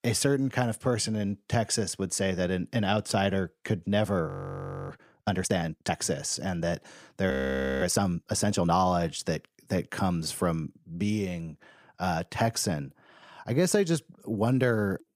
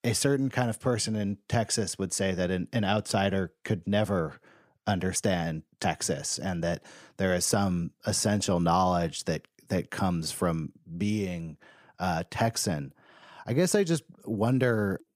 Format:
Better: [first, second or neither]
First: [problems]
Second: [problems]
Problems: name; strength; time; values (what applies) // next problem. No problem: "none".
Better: second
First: audio freezing; at 4.5 s for 0.5 s and at 7.5 s for 0.5 s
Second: none